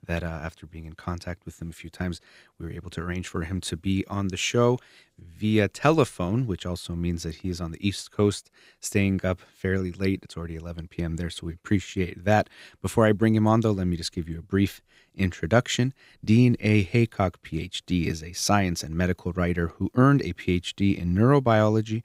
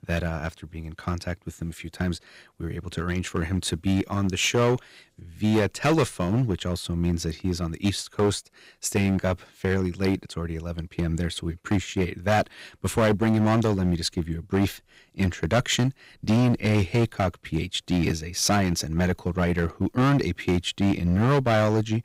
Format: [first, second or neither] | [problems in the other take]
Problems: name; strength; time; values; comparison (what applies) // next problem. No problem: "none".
first | distortion; heavy; 8% of the sound clipped